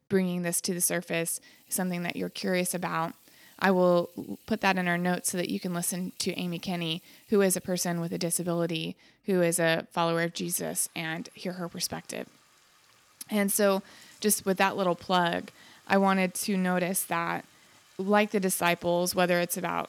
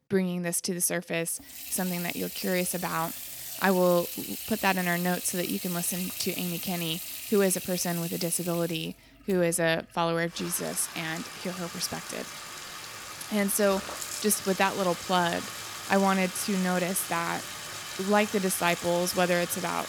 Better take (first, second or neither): first